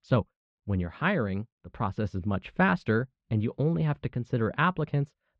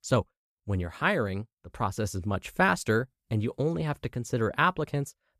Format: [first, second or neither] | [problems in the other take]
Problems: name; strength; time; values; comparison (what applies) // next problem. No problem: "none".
second | muffled; slightly; fading above 3.5 kHz